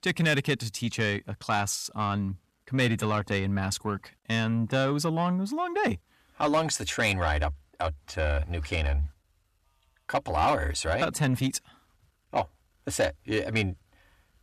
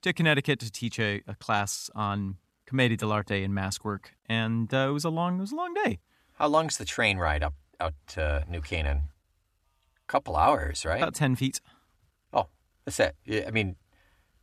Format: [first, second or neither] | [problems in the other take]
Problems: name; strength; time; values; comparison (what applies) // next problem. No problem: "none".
second | distortion; slight; 10 dB below the speech